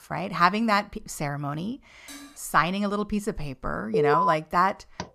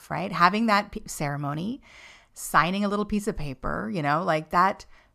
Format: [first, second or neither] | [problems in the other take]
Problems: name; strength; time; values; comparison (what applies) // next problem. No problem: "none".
second | clattering dishes; faint; at 2 s; peak 15 dB below the speech // alarm; loud; at 4 s; peak 3 dB above the speech // door banging; very faint; at 5 s; peak 15 dB below the speech